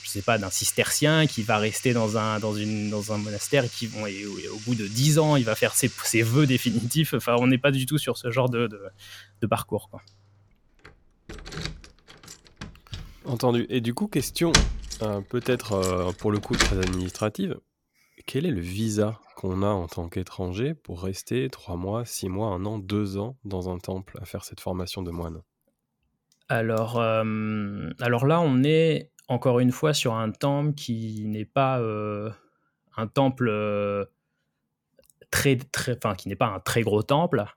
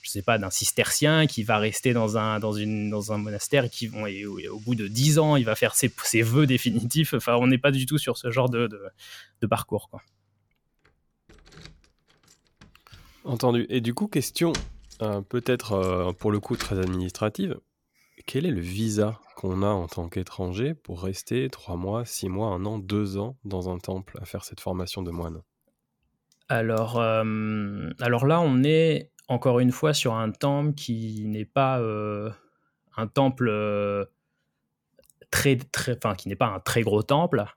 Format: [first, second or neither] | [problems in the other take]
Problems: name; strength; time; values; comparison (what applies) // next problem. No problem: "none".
second | household noises; loud; until 17 s; 7 dB below the speech; faint in the second